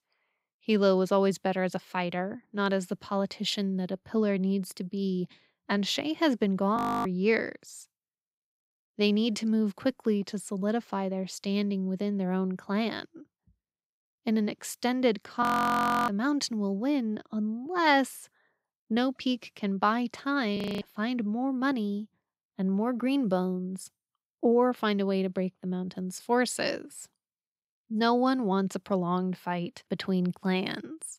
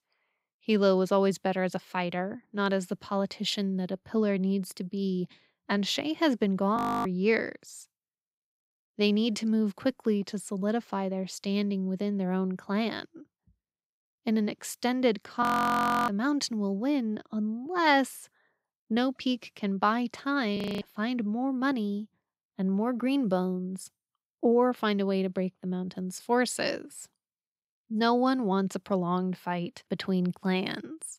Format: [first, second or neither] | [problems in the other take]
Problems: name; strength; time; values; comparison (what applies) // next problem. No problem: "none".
neither | audio freezing; at 7 s, at 15 s for 0.5 s and at 21 s; the same in both